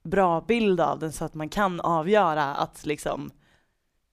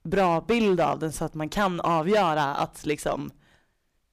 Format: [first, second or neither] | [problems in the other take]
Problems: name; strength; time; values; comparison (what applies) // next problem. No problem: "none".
first | distortion; slight; 6% of the sound clipped